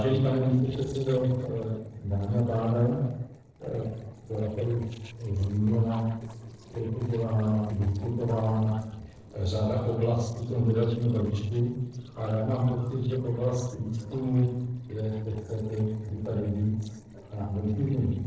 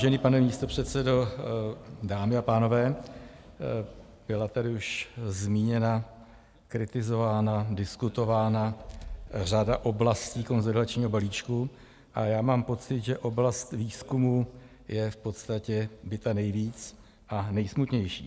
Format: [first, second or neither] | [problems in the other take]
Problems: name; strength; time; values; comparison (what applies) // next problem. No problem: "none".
second | noise reduction (neural separator model SepFormer DNS4)